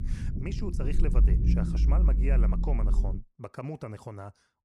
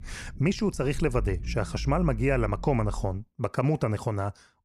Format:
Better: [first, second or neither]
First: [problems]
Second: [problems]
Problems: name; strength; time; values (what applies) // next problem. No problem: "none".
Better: second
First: low rumble; loud; until 3 s; 2 dB below the speech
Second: low rumble; faint; until 3 s; 25 dB below the speech